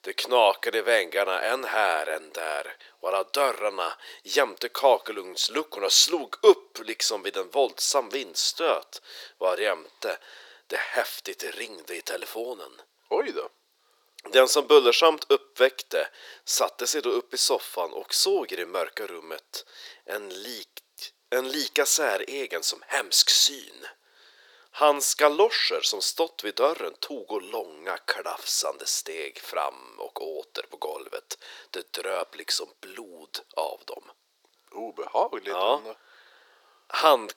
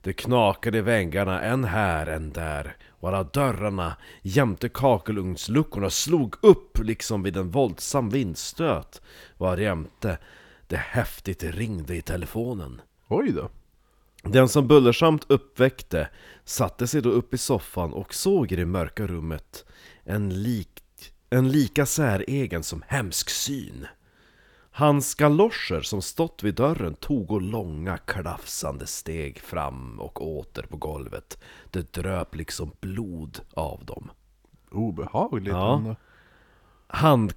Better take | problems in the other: second | thin; very; fading below 400 Hz

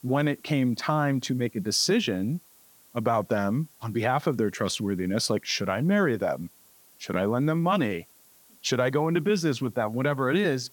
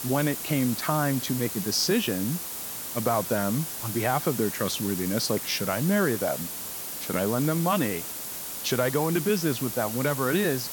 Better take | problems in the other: first | hiss; loud; throughout; 5 dB below the speech; faint in the first

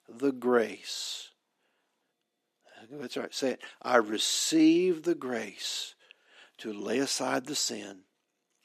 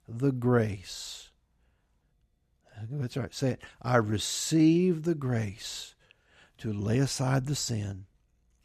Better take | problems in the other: second | thin; somewhat; fading below 250 Hz

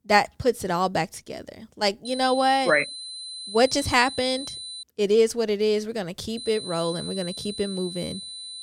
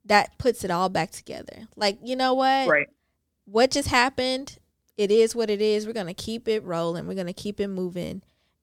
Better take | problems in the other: second | high-pitched whine; noticeable; from 2 to 5 s and from 6.5 s on; 4 kHz, 10 dB below the speech

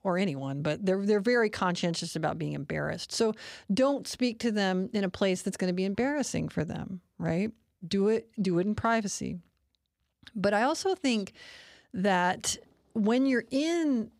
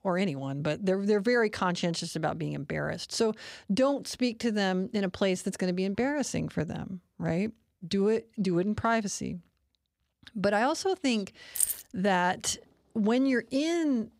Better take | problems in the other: first | jangling keys; loud; at 12 s; peak 1 dB above the speech

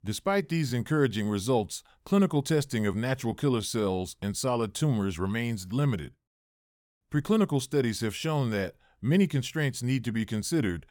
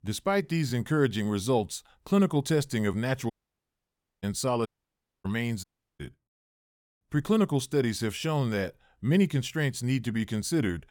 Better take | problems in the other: first | audio cutting out; at 3.5 s for 1 s, at 4.5 s for 0.5 s and at 5.5 s

